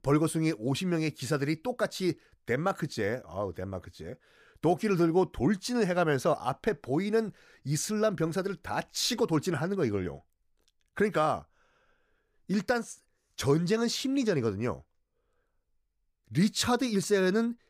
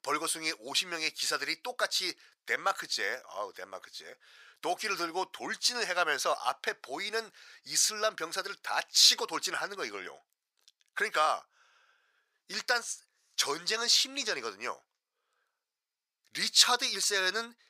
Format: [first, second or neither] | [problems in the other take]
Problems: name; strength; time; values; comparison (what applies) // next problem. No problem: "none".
first | thin; very; fading below 1 kHz